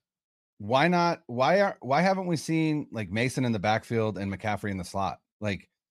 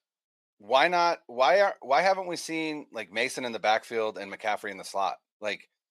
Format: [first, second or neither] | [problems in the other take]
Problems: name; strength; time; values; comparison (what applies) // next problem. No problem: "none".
first | thin; very; fading below 550 Hz